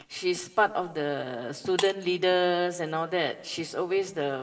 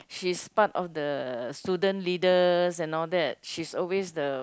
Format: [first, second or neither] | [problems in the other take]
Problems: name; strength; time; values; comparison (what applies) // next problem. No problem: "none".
second | background sound (Shatter); 17 dB below the speech // room echo; dies away in 1.7 s